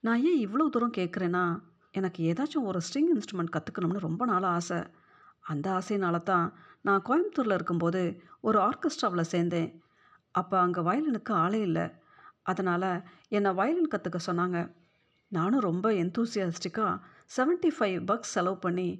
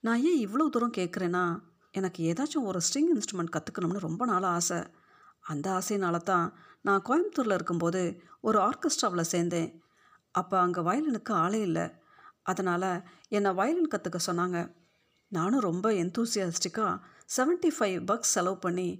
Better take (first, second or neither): second